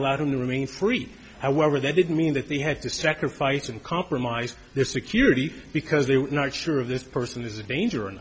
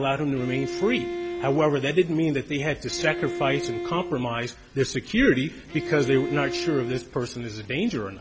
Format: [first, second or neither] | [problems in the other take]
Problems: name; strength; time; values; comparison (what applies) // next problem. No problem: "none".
first | background sound (Bowed string instrument); 8 dB below the speech